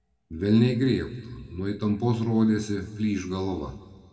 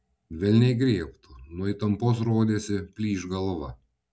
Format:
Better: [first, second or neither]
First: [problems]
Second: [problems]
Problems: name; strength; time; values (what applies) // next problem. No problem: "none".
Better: second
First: room echo; dies away in 1.9 s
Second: none